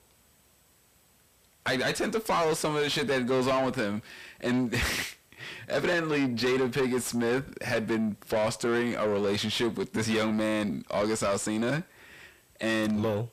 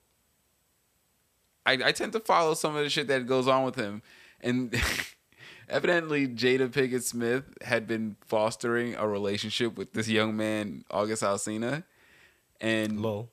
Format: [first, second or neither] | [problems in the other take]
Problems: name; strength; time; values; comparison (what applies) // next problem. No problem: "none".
second | distortion; heavy; 6 dB below the speech